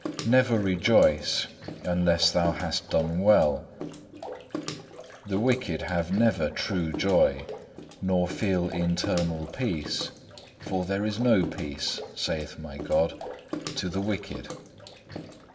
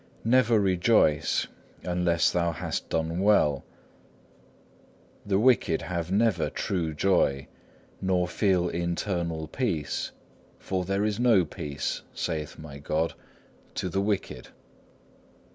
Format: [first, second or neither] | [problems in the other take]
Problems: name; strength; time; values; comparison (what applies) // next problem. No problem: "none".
second | background sound (Bathtub (filling or washing) / Water / Splash, splatter); 13 dB below the speech // room echo; dies away in 1.5 s